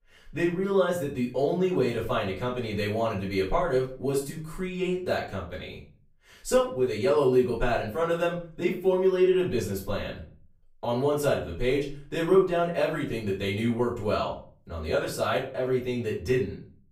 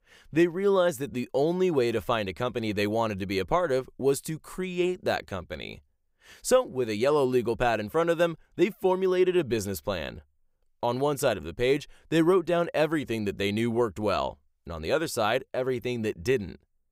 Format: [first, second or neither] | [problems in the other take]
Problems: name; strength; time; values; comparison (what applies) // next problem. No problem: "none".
second | off-mic speech; far // room echo; slight; dies away in 0.4 s